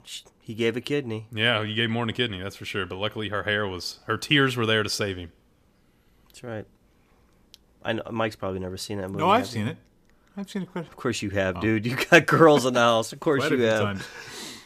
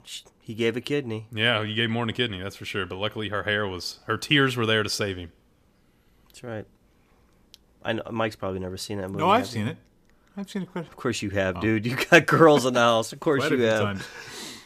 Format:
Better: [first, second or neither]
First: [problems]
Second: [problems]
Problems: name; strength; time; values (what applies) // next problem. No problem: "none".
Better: neither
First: none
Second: none